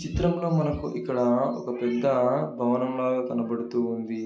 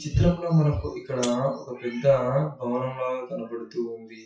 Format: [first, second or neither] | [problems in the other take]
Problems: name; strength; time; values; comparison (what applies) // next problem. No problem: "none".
first | noise reduction (classical method WPE with log-MMSE)